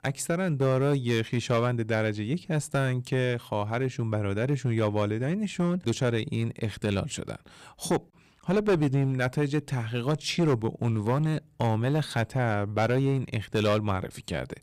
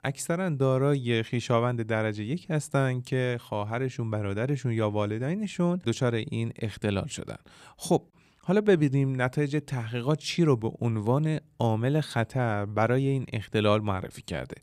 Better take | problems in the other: second | distortion; slight; 6% of the sound clipped

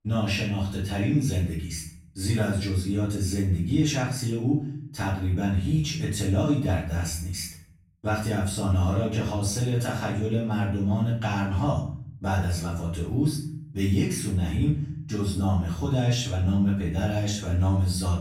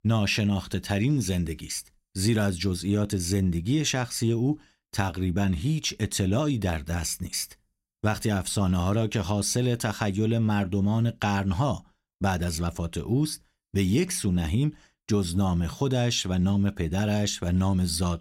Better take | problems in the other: second | room echo; noticeable; dies away in 0.6 s // off-mic speech; far

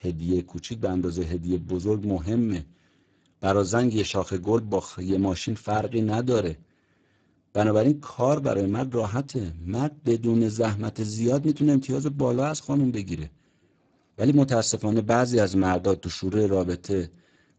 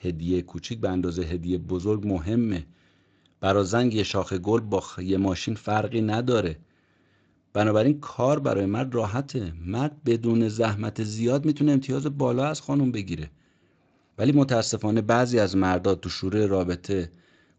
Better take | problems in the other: second | garbled, watery; badly; nothing above 7.5 kHz; slightly in the second

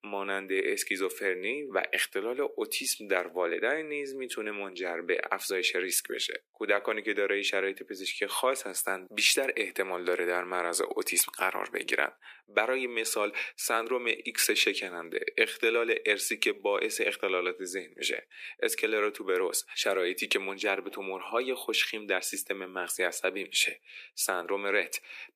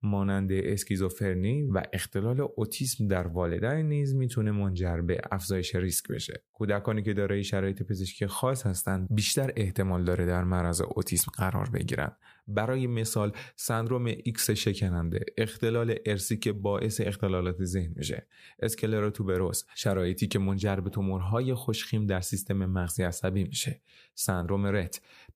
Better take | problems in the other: second | thin; very; fading below 300 Hz

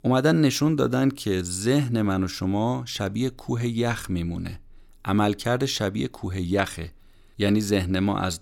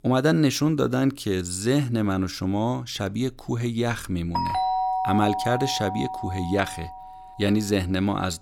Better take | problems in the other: first | doorbell; loud; from 4.5 to 7 s; peak 1 dB above the speech

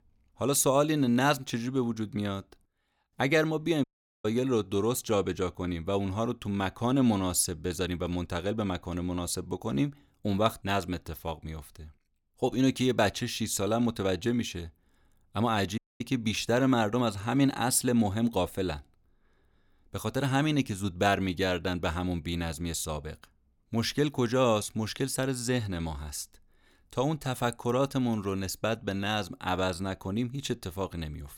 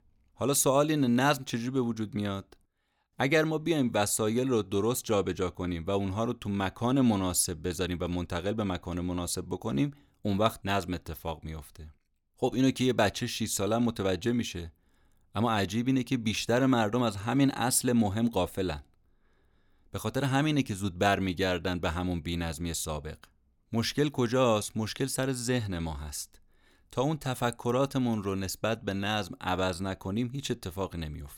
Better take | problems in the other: second | audio cutting out; at 4 s and at 16 s

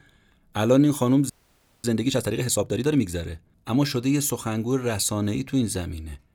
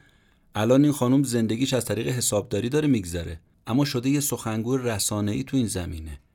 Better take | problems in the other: second | audio freezing; at 1.5 s for 0.5 s

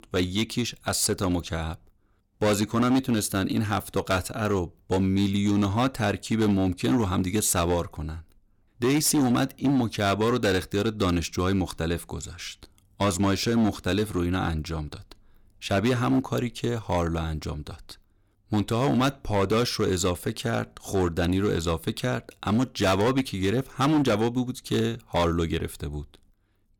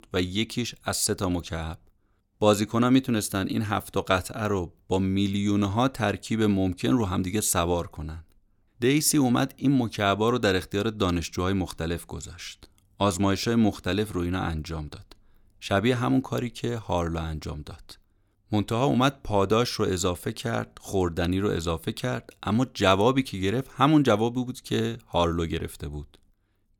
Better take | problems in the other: second | distortion; slight; 7% of the sound clipped

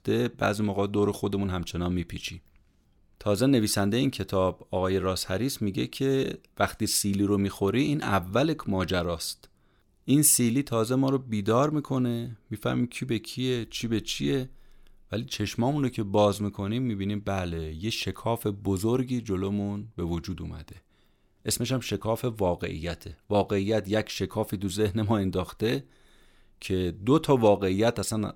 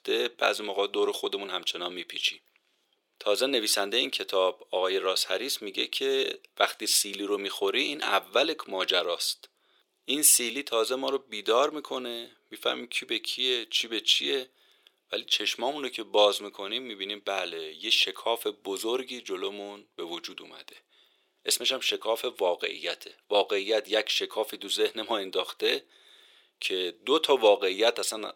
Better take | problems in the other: first | thin; very; fading below 400 Hz

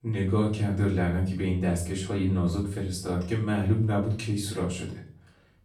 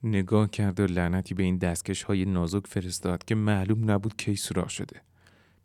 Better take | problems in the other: second | off-mic speech; far // room echo; slight; dies away in 0.4 s

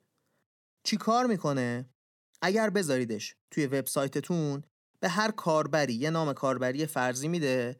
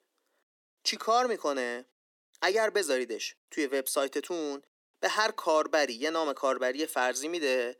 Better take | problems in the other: first | thin; somewhat; fading below 300 Hz

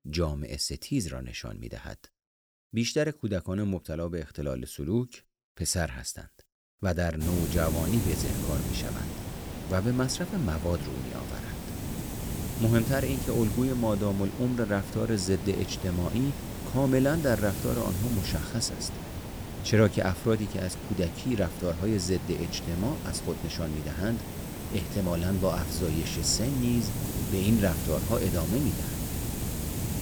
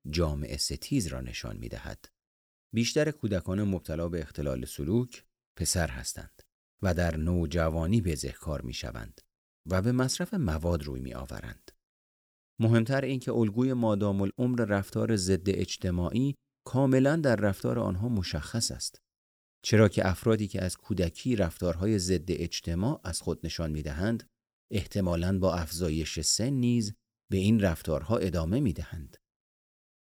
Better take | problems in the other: second | hiss; loud; from 7 s on; 5 dB below the speech

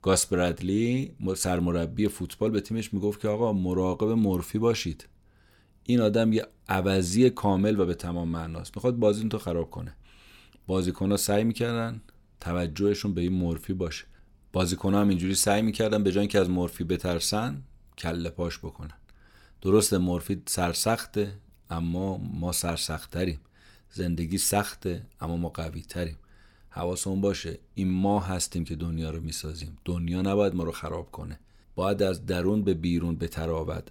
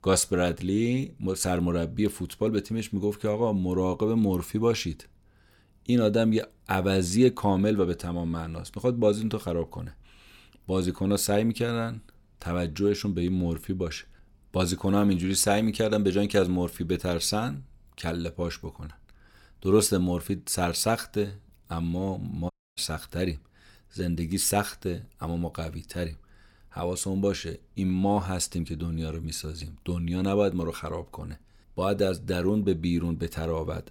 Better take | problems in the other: first | audio cutting out; at 23 s

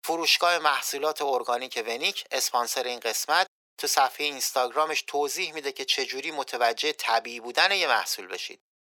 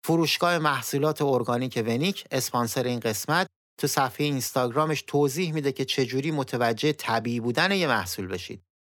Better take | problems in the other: second | thin; very; fading below 500 Hz

